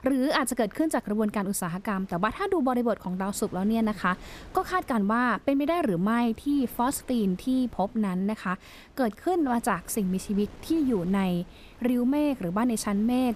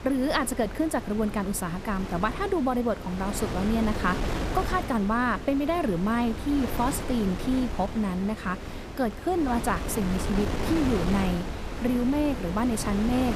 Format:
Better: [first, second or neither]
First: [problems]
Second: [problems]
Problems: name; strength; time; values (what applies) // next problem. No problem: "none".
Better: first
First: wind noise on the microphone; occasional gusts; 25 dB below the speech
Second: wind noise on the microphone; heavy; 7 dB below the speech